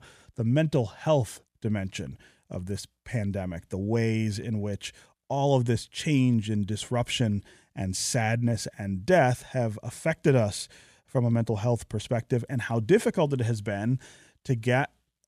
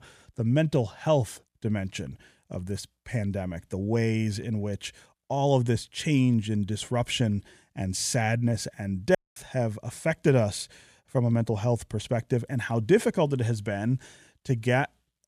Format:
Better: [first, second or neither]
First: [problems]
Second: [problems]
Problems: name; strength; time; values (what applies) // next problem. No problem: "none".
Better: first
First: none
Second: audio cutting out; at 9 s